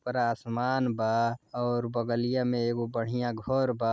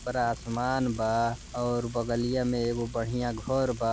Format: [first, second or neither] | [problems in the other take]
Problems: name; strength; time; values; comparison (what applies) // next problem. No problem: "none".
first | background sound (Frying (food)); 15 dB below the speech